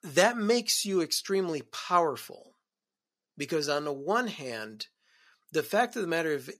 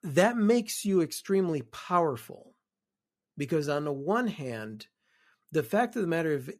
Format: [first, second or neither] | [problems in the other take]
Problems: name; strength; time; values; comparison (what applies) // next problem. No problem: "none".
second | thin; very slightly; fading below 500 Hz